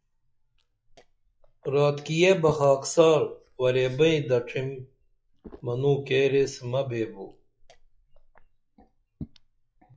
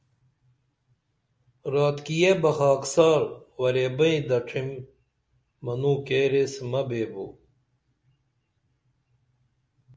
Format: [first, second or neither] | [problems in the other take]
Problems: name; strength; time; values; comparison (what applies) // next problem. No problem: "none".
second | noise reduction (classical method log-MMSE)